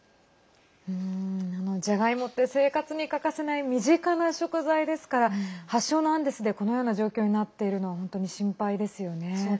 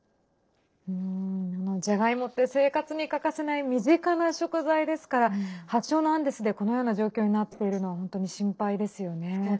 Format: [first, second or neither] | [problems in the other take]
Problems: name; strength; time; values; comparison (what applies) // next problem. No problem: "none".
first | noise reduction (neural separator model SepFormer DNS4)